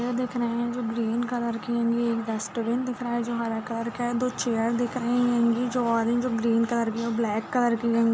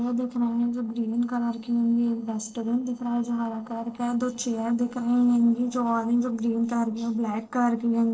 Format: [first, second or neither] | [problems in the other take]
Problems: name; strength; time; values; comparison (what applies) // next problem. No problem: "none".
first | noise reduction (neural separator model SepFormer DNS4)